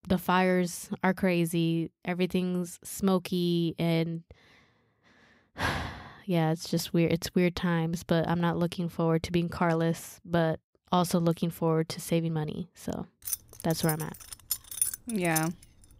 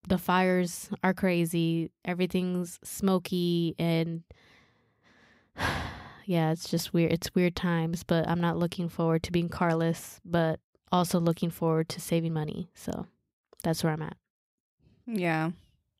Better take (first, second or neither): second